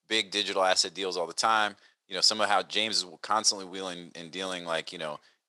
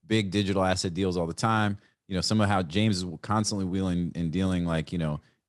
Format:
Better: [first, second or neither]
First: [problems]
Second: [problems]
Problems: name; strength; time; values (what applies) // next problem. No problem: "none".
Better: second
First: thin; very; fading below 650 Hz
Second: none